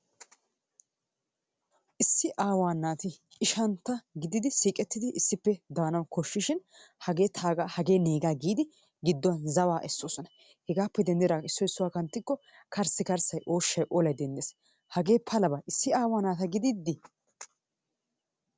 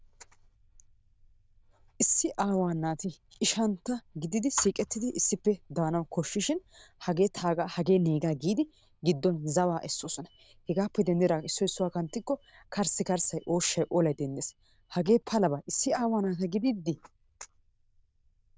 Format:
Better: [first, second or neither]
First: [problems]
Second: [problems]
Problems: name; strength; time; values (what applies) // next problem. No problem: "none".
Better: first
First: none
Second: noise reduction (neural diffusion model UNIVERSE++)